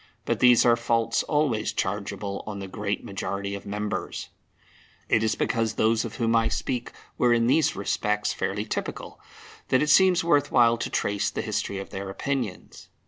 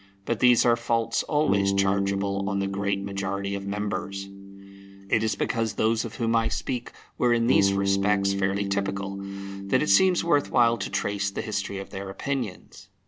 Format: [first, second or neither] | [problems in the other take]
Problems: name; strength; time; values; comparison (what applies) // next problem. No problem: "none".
first | background sound (Bass guitar); 5 dB below the speech